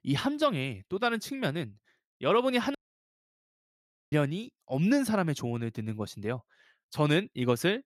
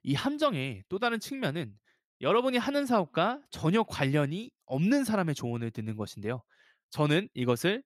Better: second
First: audio cutting out; at 3 s for 1.5 s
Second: none

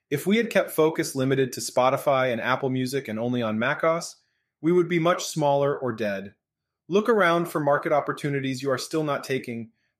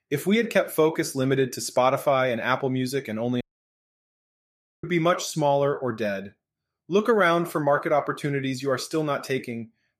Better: first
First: none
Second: audio cutting out; at 3.5 s for 1.5 s

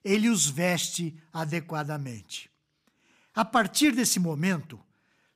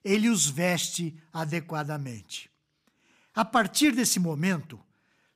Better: neither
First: none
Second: none

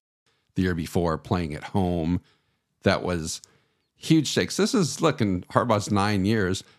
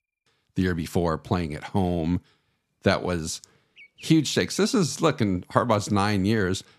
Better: first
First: none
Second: animal sounds; faint; throughout; 25 dB below the speech

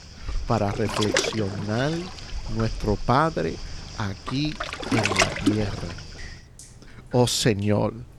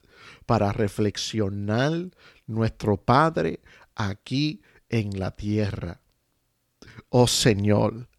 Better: second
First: rain or running water; loud; throughout; 3 dB below the speech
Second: none

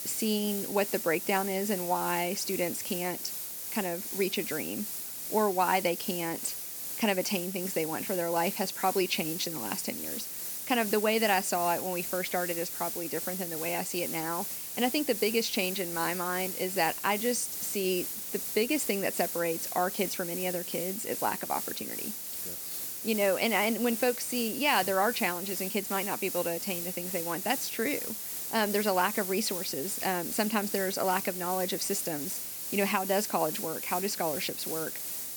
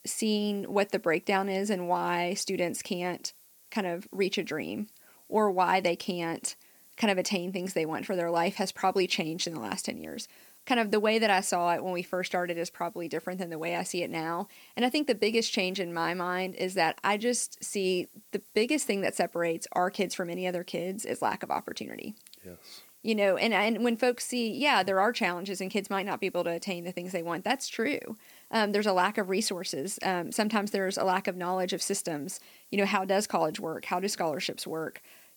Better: second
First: hiss; loud; throughout; 3 dB below the speech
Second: hiss; faint; throughout; 25 dB below the speech

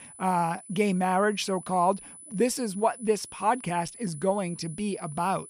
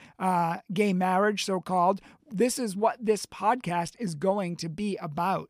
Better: second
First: high-pitched whine; noticeable; throughout; 10 kHz, 15 dB below the speech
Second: none

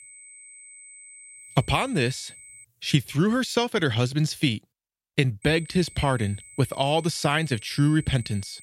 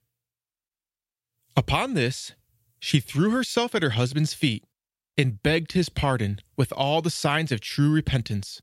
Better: second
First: high-pitched whine; noticeable; until 2.5 s and from 5.5 s on; 8 kHz, 20 dB below the speech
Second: none

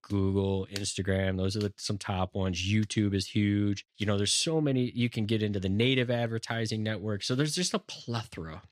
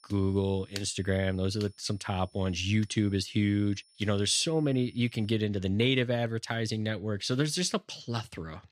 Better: first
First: none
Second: high-pitched whine; faint; until 5.5 s; 5.5 kHz, 30 dB below the speech

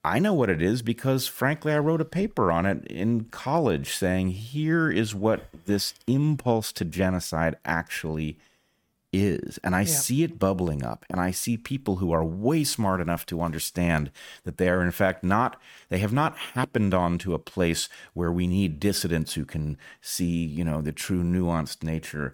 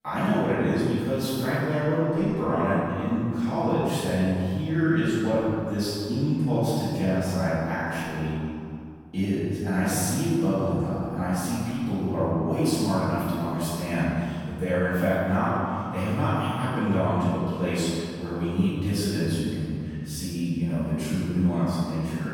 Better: first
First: none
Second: room echo; strong; dies away in 2.2 s // off-mic speech; far

